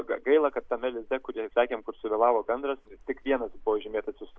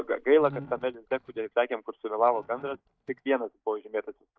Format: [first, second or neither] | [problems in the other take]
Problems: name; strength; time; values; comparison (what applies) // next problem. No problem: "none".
first | noise reduction (neural mask model DeepFilterNet 3)